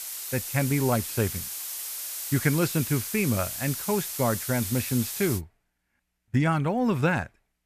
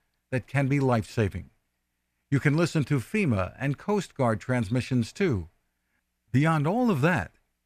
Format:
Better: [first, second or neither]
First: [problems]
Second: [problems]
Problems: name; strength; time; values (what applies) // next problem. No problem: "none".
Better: second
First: hiss; loud; until 5.5 s; 5 dB below the speech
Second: none